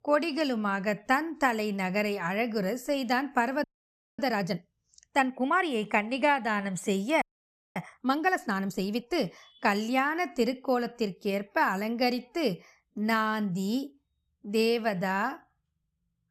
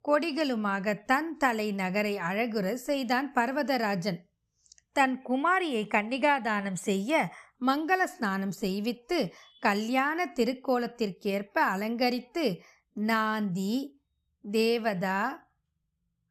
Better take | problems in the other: second | audio freezing; at 3.5 s for 0.5 s and at 7 s for 0.5 s

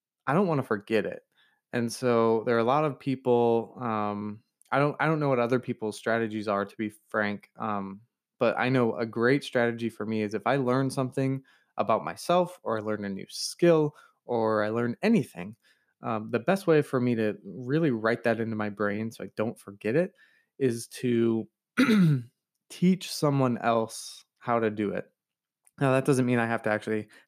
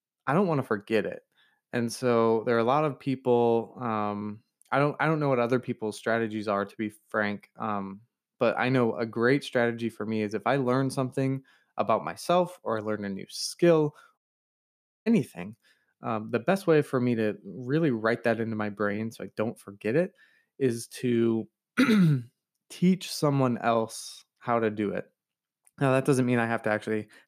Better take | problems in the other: first | audio cutting out; at 14 s for 1 s

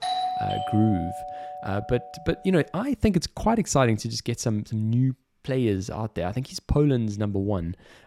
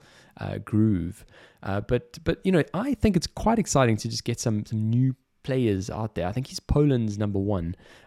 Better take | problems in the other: second | doorbell; noticeable; until 2.5 s; peak 1 dB below the speech

